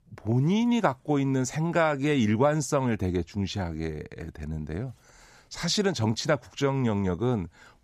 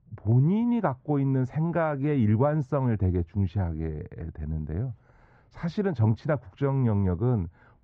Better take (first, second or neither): first